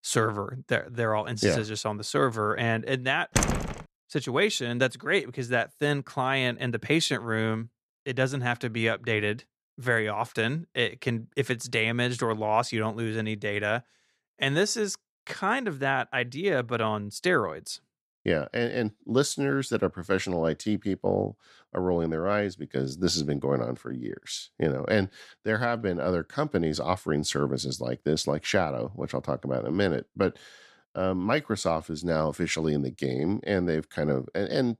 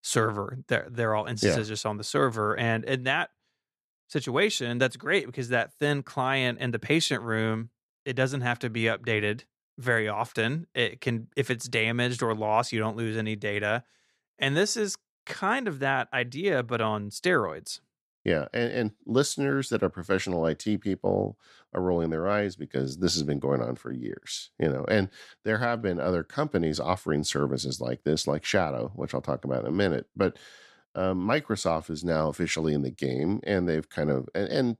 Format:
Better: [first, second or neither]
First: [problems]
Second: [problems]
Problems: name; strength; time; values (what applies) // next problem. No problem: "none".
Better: second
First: door banging; loud; at 3.5 s; peak 2 dB above the speech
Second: none